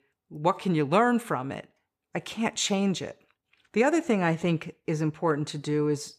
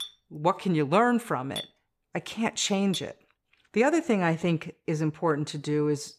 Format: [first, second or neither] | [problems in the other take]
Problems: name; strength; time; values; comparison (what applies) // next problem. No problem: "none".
first | clattering dishes; faint; until 3 s; peak 10 dB below the speech